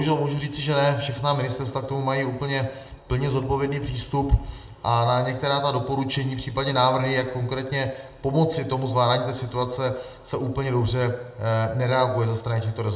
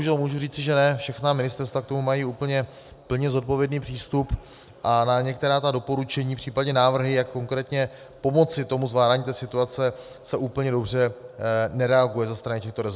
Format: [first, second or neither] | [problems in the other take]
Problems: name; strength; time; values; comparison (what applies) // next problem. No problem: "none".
second | room echo; dies away in 0.6 s